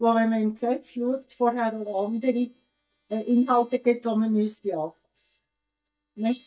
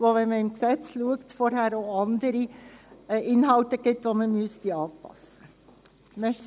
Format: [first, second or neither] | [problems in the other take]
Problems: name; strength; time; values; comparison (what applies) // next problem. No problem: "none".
second | noise reduction (neural mask model DeepFilterNet 3)